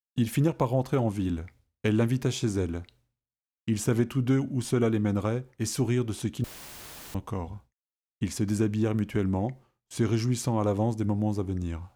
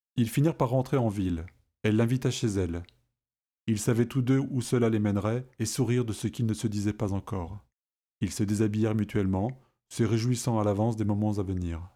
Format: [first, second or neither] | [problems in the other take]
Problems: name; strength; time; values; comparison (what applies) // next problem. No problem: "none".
second | audio cutting out; filled with static; at 6.5 s for 0.5 s